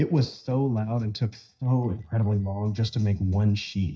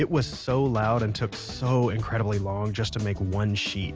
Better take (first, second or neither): second